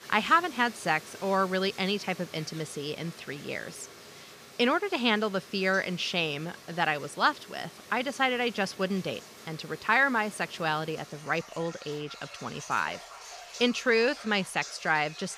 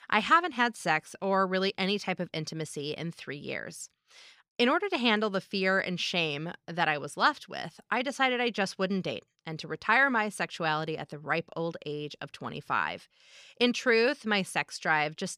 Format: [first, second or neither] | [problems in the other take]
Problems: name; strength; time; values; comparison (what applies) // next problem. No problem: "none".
second | rain or running water; noticeable; throughout; 15 dB below the speech